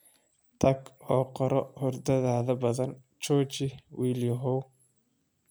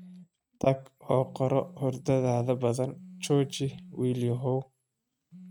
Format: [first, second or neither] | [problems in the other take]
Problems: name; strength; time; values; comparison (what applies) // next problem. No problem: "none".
first | noise reduction (neural mask model RNNoise)